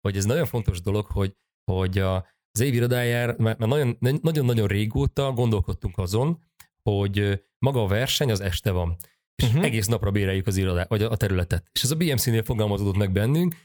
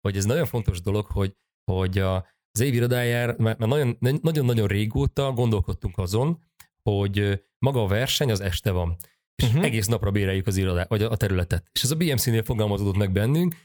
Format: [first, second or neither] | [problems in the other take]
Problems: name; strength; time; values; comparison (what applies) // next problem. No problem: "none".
neither | none